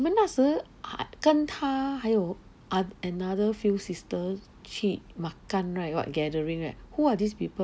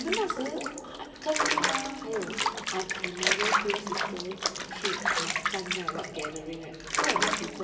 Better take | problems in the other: first | background sound (Bathtub (filling or washing) / Water); 4 dB above the speech // room echo; dies away in 2.5 s

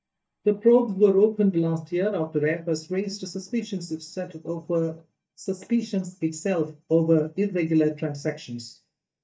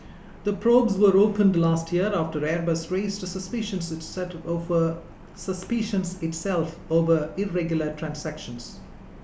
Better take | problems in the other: second | noise reduction (neural mask model DeepFilterNet 3)

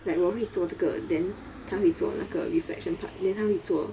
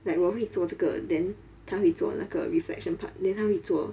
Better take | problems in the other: second | background sound (Aircraft); 17 dB below the speech

